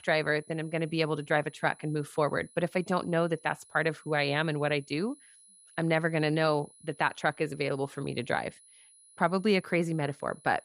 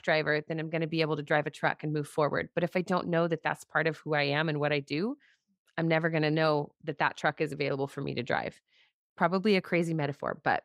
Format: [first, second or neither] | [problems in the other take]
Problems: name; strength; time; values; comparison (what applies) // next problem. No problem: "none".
second | high-pitched whine; faint; throughout; 10.5 kHz, 25 dB below the speech